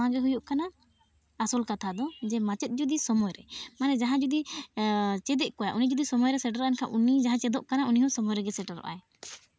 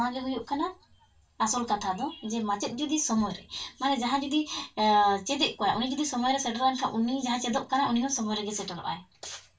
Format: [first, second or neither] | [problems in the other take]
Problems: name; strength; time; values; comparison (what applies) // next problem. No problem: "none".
first | room echo; dies away in 0.2 s